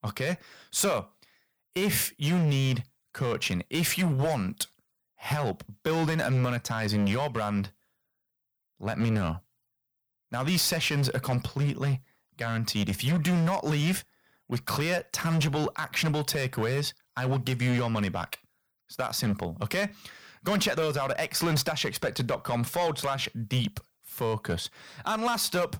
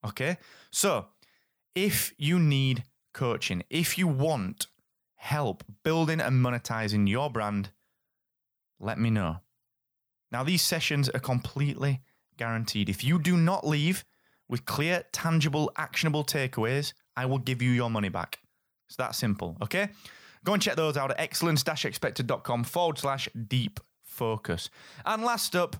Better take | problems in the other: second | distortion; slight; 9% of the sound clipped

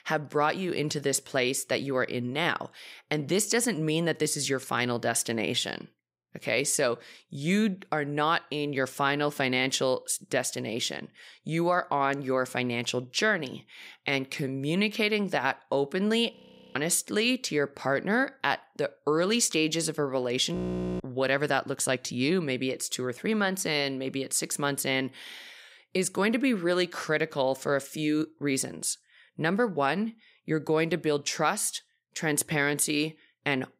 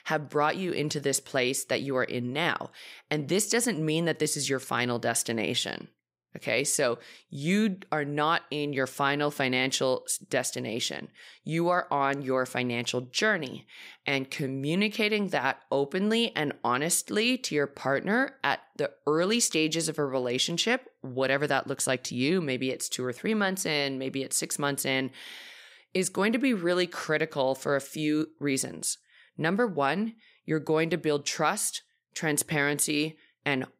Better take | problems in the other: second | audio freezing; at 16 s and at 21 s

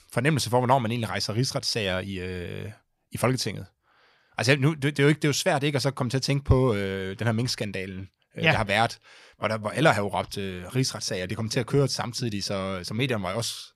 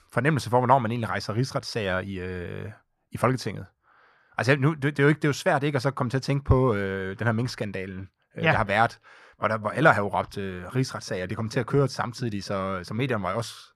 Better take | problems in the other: first | muffled; slightly; fading above 1.5 kHz

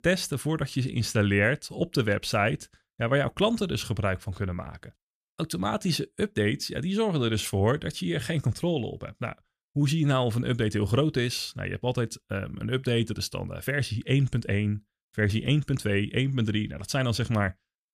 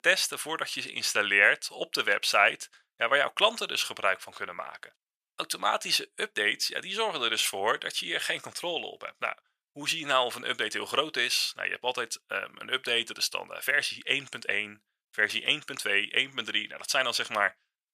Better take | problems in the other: first | thin; very; fading below 850 Hz

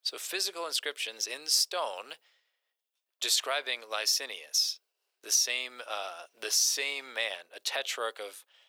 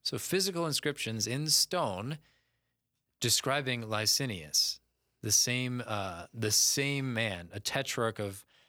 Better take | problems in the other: second | thin; very; fading below 500 Hz

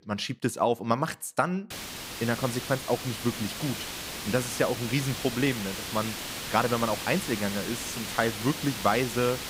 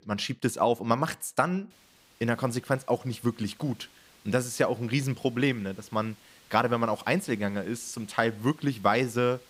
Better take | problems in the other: second | hiss; loud; from 1.5 s on; 5 dB below the speech; faint in the second

